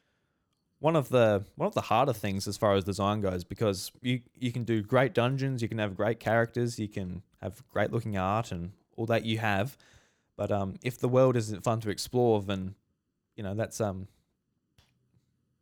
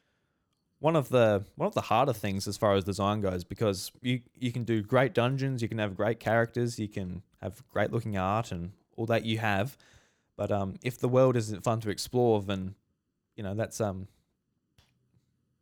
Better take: neither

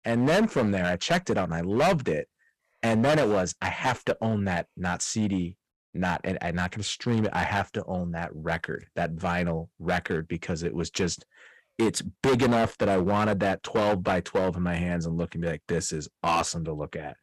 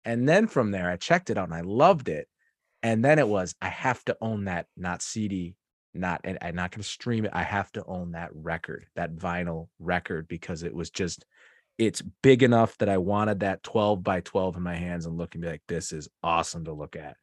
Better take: second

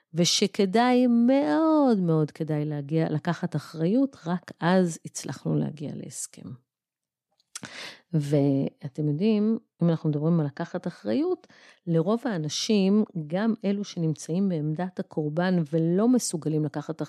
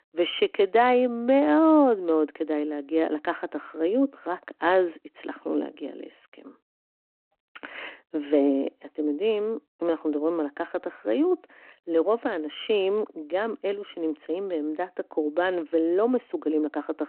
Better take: first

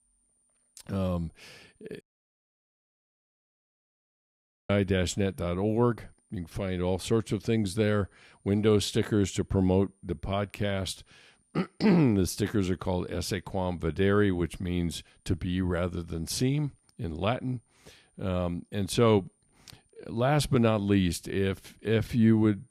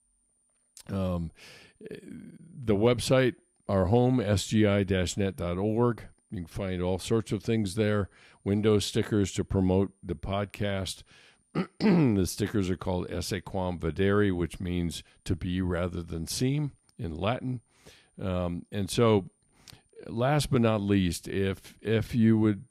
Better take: second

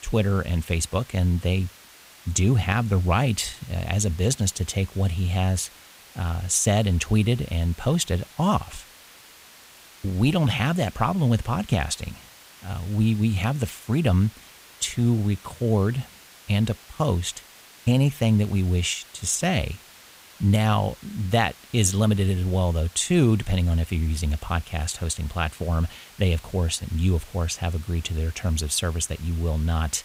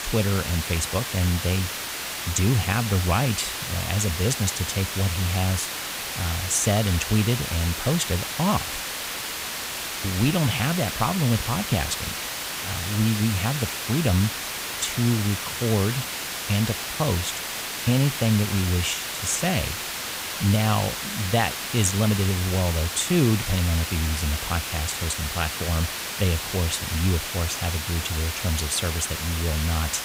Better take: first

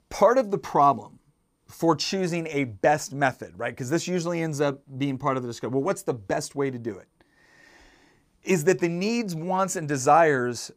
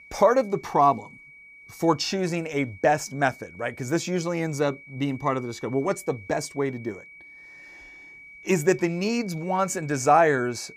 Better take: first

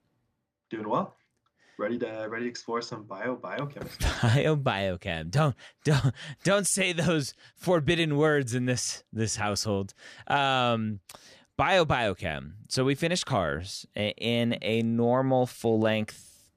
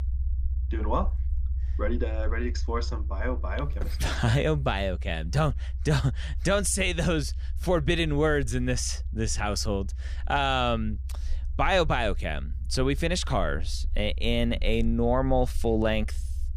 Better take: first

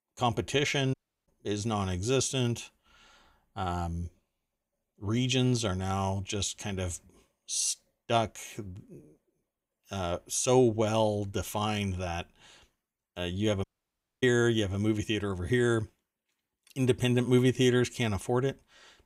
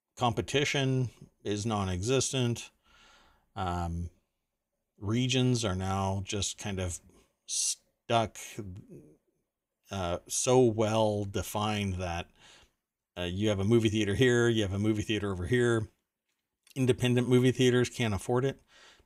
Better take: second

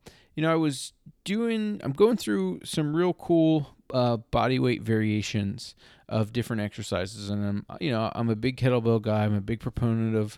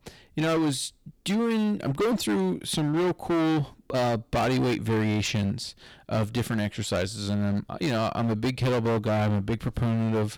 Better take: first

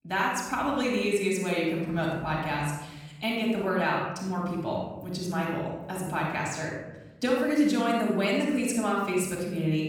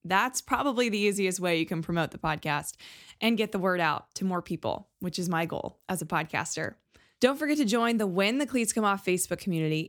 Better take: second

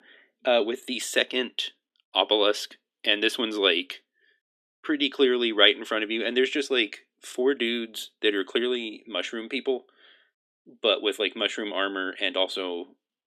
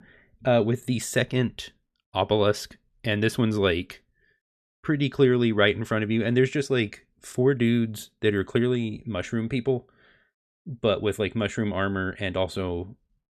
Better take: second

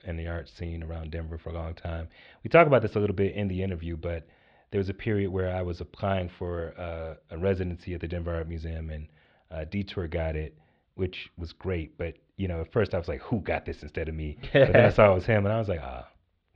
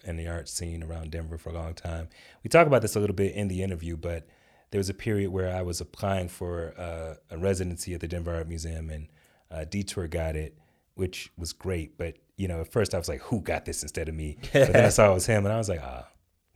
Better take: second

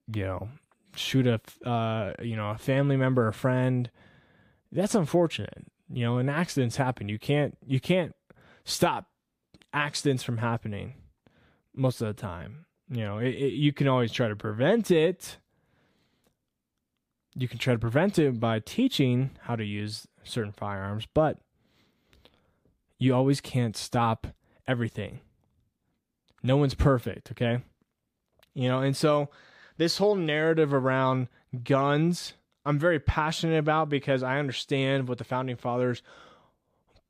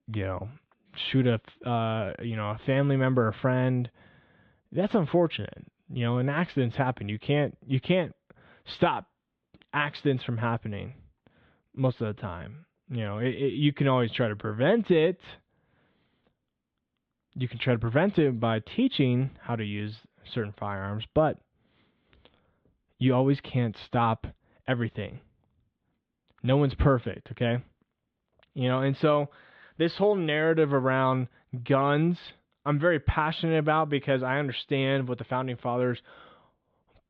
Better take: first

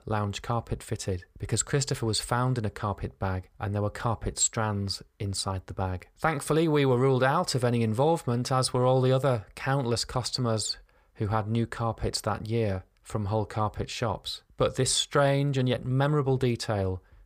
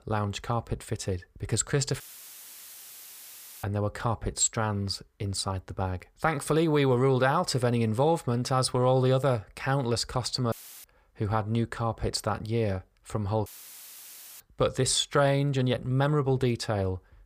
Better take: first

